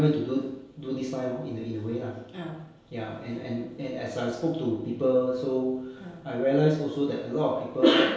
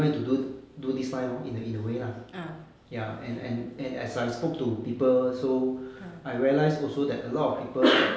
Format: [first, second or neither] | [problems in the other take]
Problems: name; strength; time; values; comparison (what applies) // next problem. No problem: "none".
second | room echo; dies away in 0.5 s